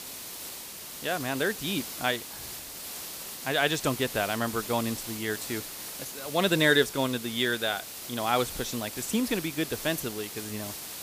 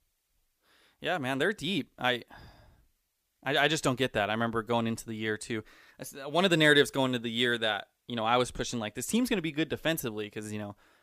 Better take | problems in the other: second | hiss; loud; throughout; 8 dB below the speech

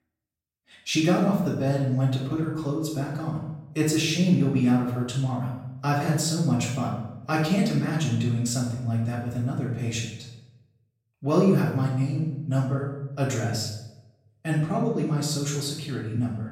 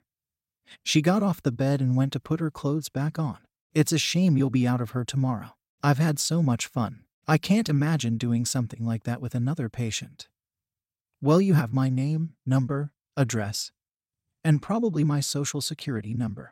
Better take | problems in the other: second | off-mic speech; far // room echo; noticeable; dies away in 0.7 s

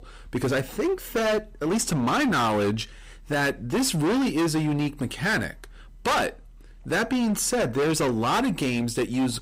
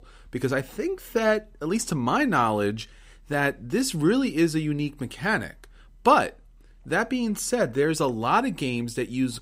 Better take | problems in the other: second | distortion; heavy; 21% of the sound clipped

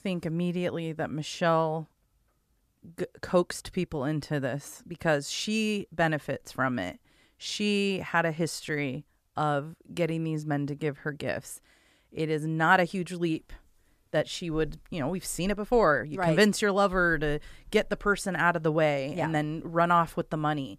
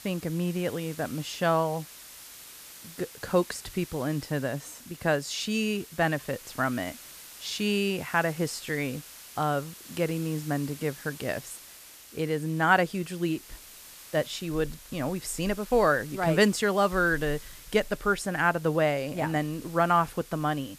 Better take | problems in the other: first | hiss; noticeable; throughout; 15 dB below the speech

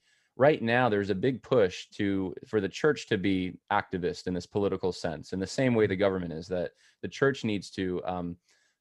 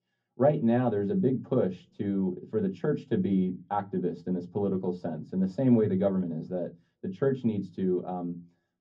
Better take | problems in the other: first | room echo; very slight; dies away in 0.4 s // off-mic speech; far

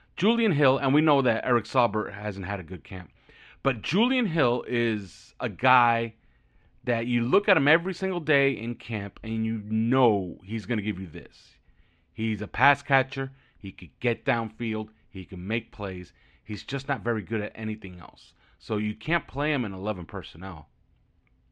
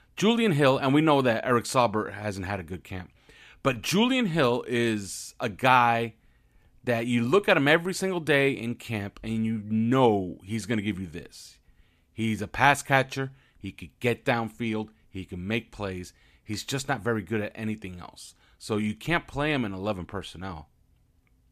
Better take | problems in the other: second | muffled; slightly; fading above 3 kHz

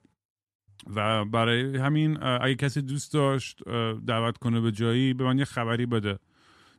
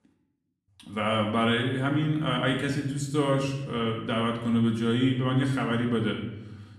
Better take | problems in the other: first | room echo; slight; dies away in 0.8 s // off-mic speech; somewhat distant

